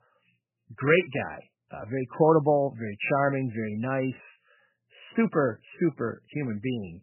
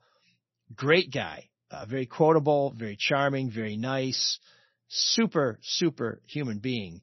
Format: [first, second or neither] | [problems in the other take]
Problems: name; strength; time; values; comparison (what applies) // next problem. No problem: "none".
second | garbled, watery; badly; nothing above 3 kHz; slightly in the second